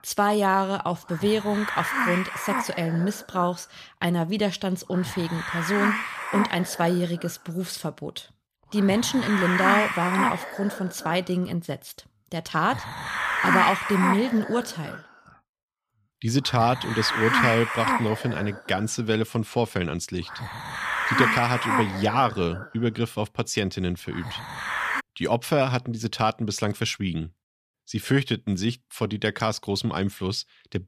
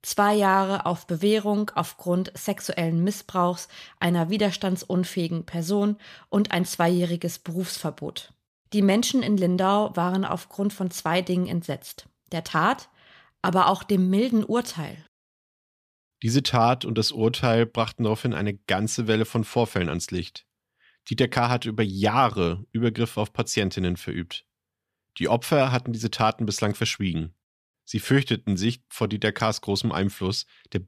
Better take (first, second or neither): second